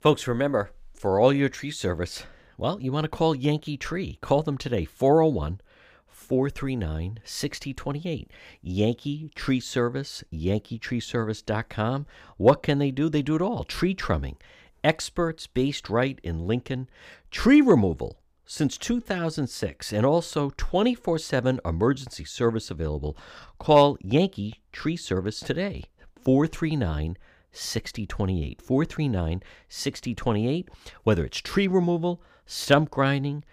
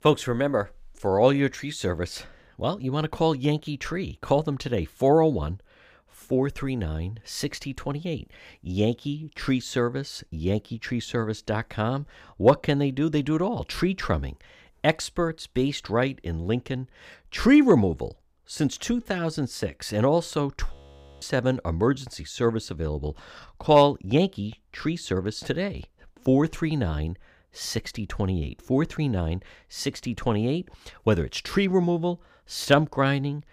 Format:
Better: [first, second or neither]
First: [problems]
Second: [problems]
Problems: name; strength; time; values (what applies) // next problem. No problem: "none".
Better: first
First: none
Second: audio freezing; at 21 s